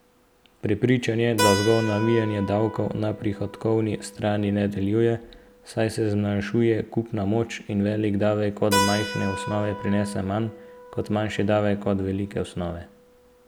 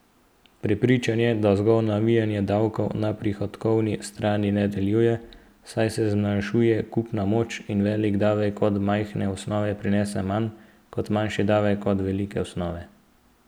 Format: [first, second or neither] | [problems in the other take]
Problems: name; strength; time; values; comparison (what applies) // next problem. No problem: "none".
second | background sound (Keyboard (musical)); 10 dB below the speech